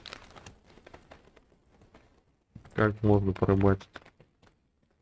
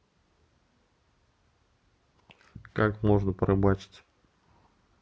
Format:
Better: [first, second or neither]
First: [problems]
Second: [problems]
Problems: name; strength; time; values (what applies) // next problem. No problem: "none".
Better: second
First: noise reduction (neural mask model RNNoise)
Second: none